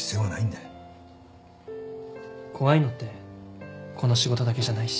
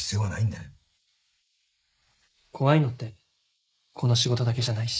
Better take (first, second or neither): first